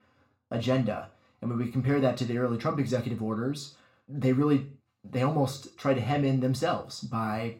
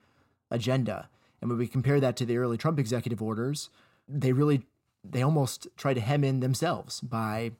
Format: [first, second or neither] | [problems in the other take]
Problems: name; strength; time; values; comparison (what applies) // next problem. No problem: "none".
second | room echo; slight; dies away in 0.3 s // off-mic speech; somewhat distant